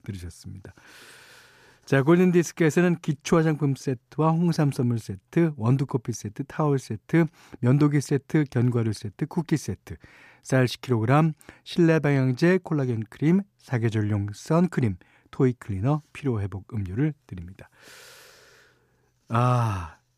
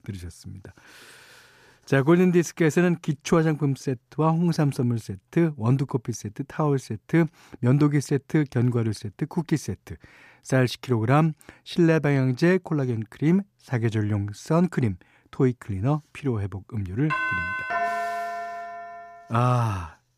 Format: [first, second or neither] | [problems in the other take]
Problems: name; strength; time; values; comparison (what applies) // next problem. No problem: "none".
first | doorbell; noticeable; from 17 to 19 s; peak 1 dB below the speech